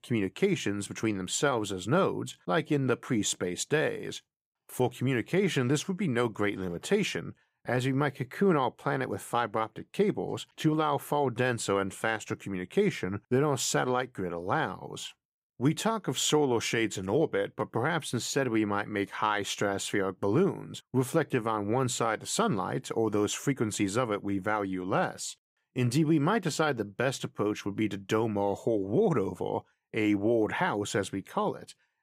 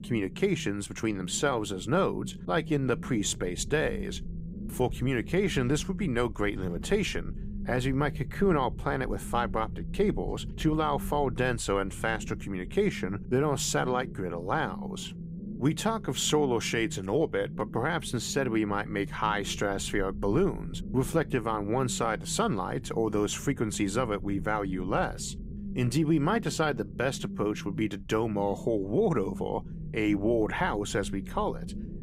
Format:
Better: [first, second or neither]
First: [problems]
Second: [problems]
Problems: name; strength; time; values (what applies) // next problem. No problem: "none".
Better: first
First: none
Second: low rumble; noticeable; throughout; 20 dB below the speech